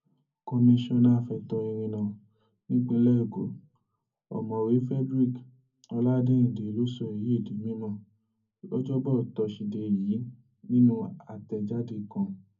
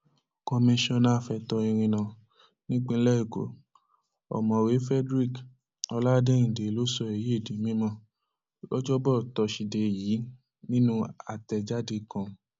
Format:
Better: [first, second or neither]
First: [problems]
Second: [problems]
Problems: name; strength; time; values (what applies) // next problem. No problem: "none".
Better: second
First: room echo; dies away in 0.3 s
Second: none